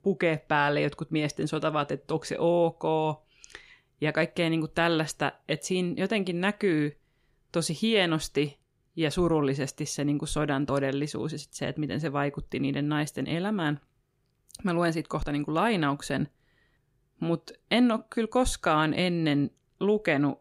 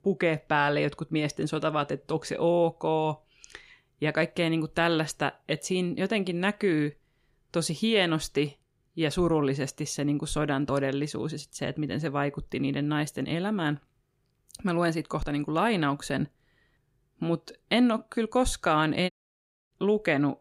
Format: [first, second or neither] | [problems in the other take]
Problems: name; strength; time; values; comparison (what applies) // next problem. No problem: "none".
first | audio cutting out; at 19 s for 0.5 s